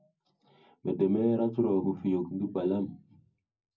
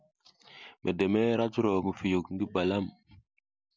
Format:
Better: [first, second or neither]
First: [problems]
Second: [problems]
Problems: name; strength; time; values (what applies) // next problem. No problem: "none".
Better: second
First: room echo; dies away in 0.4 s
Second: none